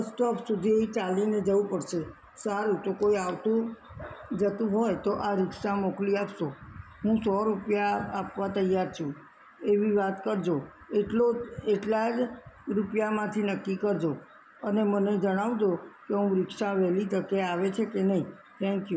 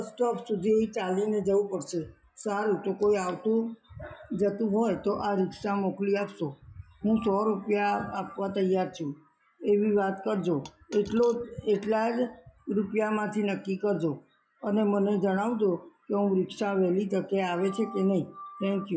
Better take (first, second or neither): first